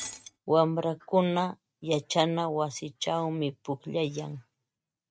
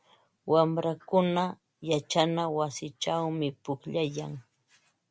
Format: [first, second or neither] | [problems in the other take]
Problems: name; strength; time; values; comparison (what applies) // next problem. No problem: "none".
second | noise reduction (neural mask model RNNoise)